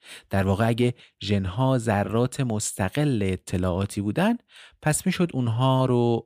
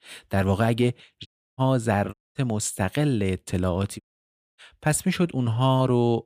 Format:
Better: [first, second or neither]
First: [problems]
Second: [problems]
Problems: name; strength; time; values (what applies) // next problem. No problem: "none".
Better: first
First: none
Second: audio cutting out; at 1.5 s, at 2 s and at 4 s for 0.5 s